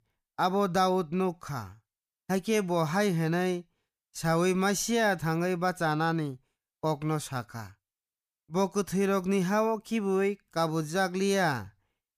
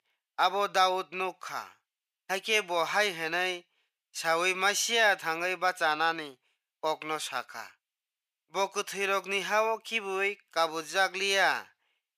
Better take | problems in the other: first | thin; very; fading below 600 Hz

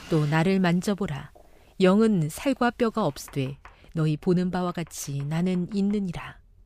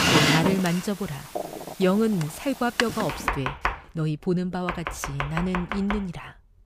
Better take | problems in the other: first | household noises; loud; throughout; 1 dB below the speech; faint in the first

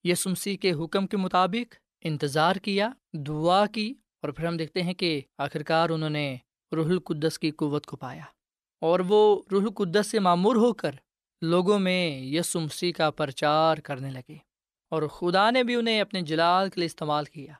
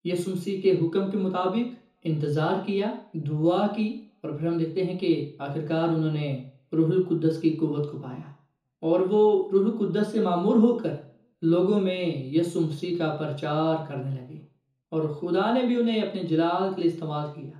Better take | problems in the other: first | room echo; slight; dies away in 0.6 s // off-mic speech; far

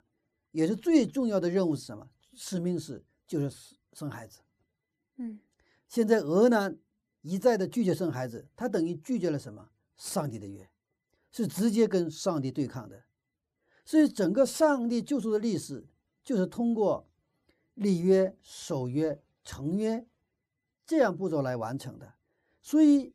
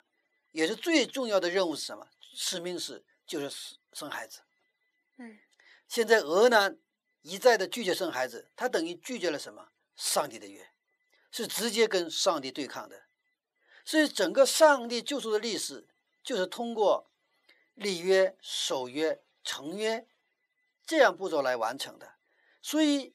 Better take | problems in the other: first | thin; somewhat; fading below 600 Hz

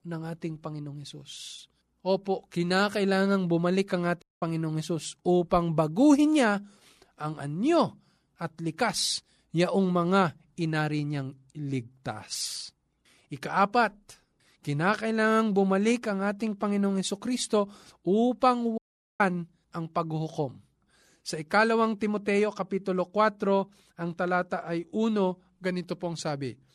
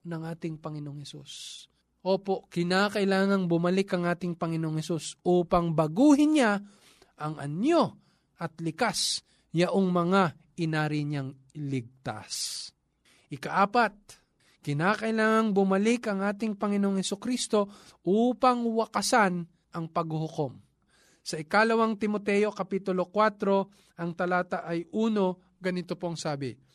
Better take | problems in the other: second | audio cutting out; at 4 s and at 19 s

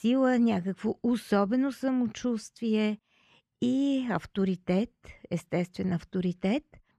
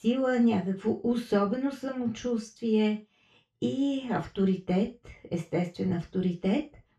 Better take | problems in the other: first | room echo; very slight; dies away in 0.3 s // off-mic speech; somewhat distant

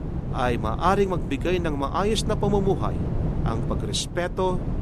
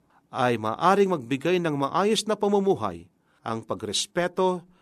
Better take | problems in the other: second | wind noise on the microphone; occasional gusts; 10 dB below the speech

